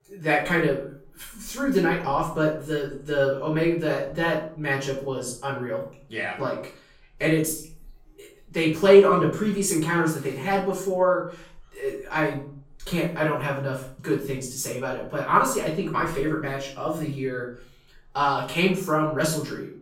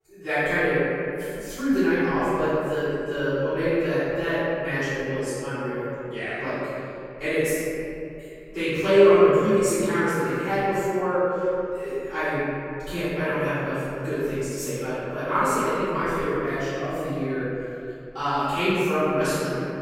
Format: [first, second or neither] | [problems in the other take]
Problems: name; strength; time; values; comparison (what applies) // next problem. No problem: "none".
first | room echo; strong; dies away in 2.7 s; slight in the first // off-mic speech; far; far in the first